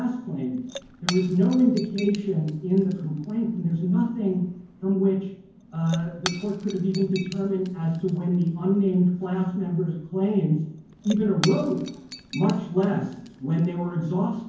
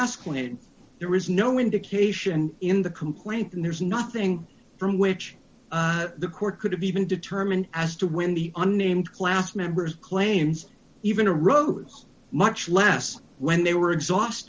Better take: second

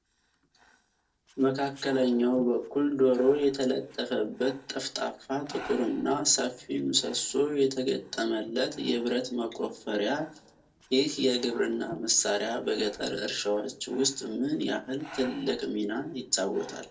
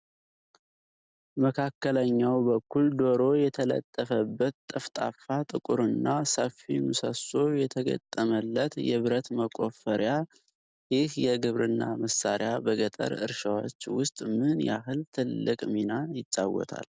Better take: second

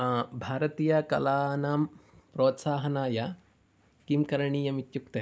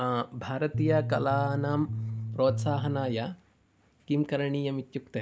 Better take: first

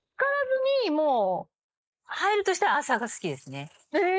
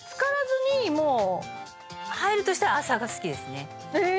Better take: second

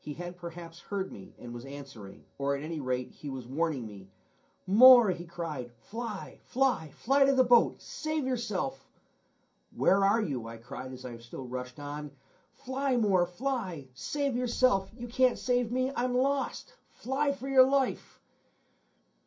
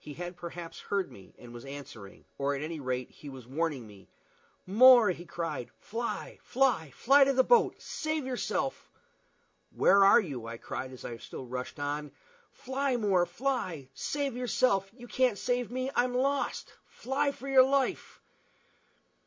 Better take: second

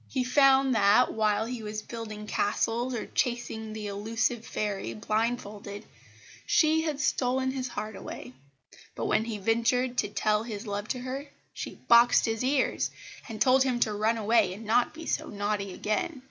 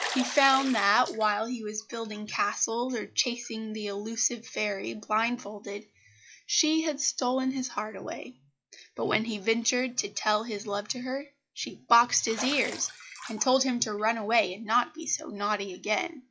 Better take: first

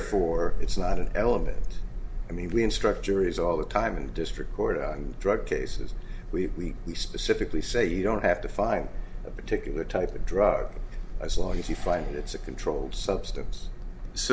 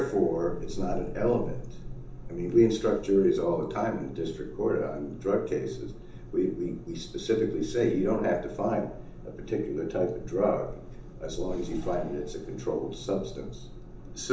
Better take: first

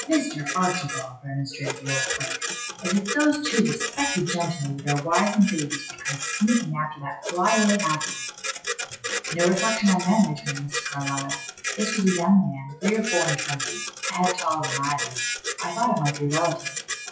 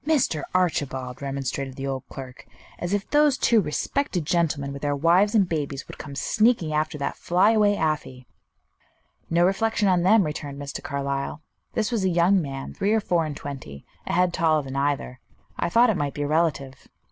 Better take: second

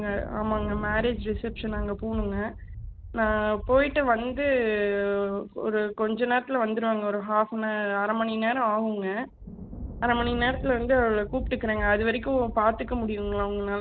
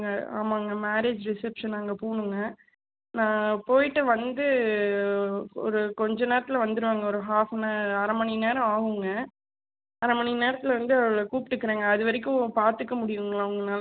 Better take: second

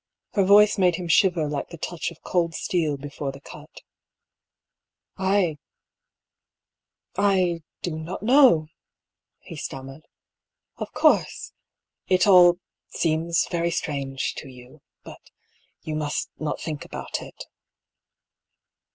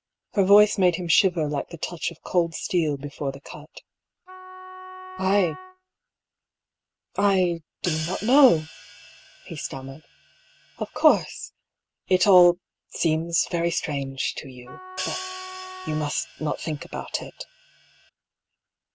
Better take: first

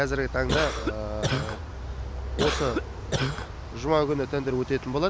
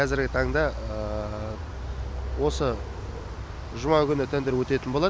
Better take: second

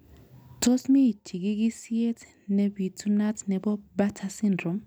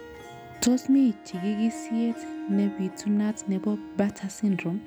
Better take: first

